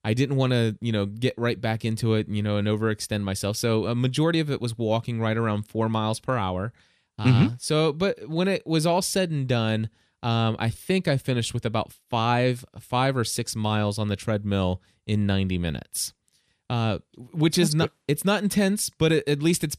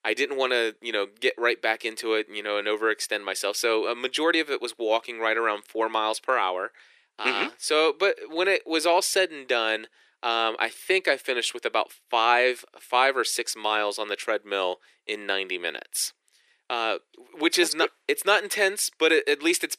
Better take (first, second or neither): first